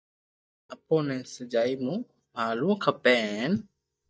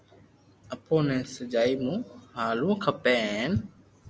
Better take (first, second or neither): second